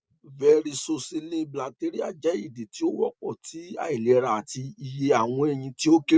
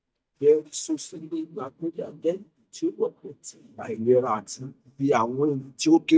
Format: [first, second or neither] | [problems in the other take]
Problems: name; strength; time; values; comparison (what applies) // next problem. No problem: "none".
first | noise reduction (neural mask model DeepFilterNet 3)